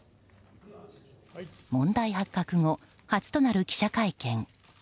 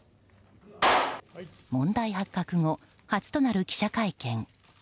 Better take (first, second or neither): first